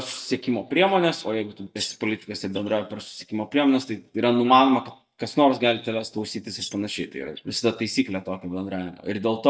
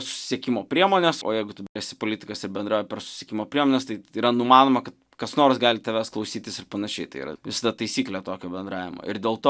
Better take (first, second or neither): second